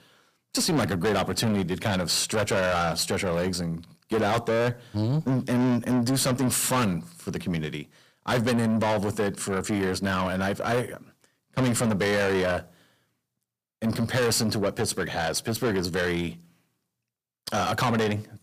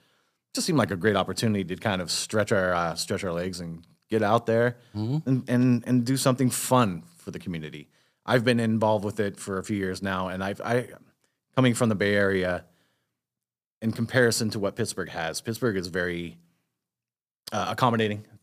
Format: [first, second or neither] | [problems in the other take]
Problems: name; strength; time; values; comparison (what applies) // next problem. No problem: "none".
second | distortion; heavy; 6 dB below the speech